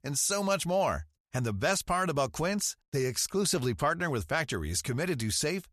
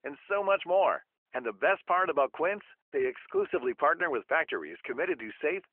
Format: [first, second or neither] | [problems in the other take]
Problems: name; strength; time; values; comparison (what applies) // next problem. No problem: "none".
first | phone-call audio